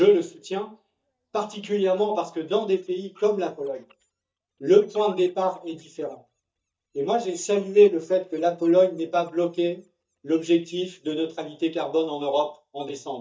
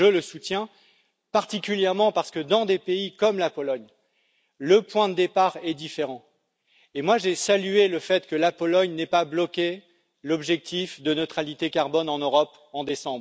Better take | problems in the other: second | noise reduction (neural mask model DeepFilterNet 3)

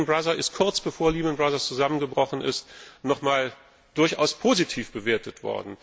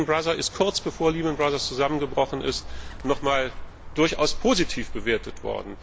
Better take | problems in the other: first | background sound (Bird); 9 dB below the speech

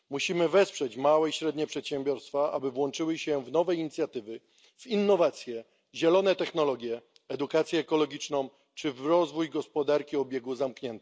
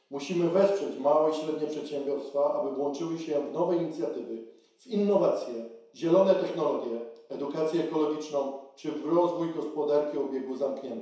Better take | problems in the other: first | room echo; dies away in 0.7 s

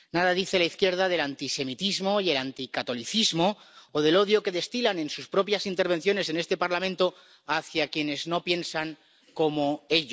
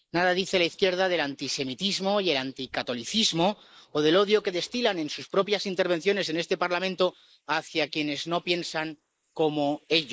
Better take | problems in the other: first | noise reduction (neural mask model Resemble Enhance denoiser)

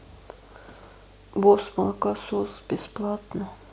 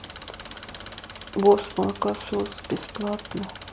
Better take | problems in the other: first | background sound (Engine); 15 dB below the speech

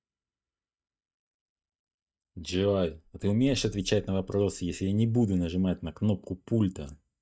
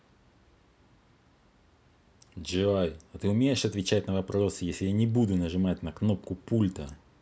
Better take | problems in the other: second | noise reduction (neural mask model DeepFilterNet 3)

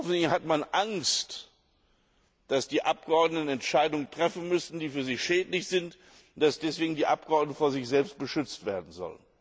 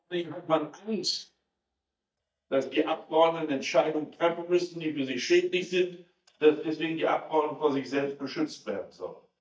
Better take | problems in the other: first | noise reduction (neural mask model DeepFilterNet 3)

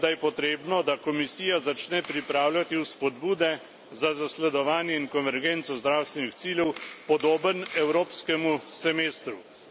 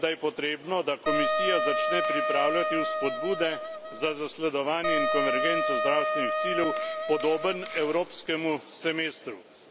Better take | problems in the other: first | background sound (Wind instrument, woodwind instrument); 1 dB above the speech

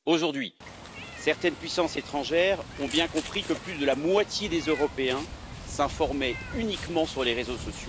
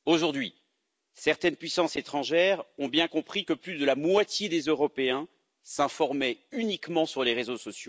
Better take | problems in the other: second | background sound (Meow); 12 dB below the speech

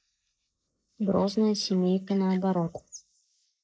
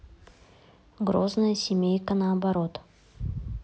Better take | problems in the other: second | noise reduction (neural mask model Resemble Enhance denoiser)

